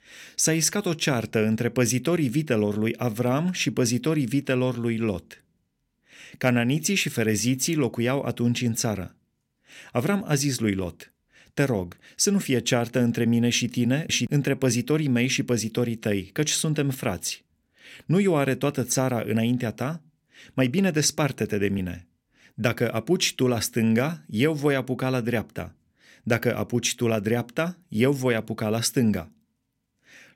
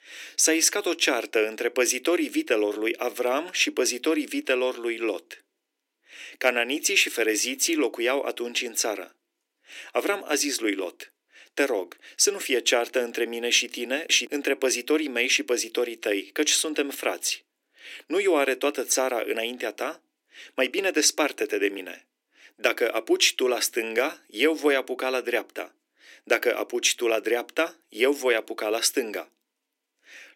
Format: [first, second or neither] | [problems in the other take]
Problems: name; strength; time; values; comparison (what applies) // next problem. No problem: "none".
first | thin; very; fading below 300 Hz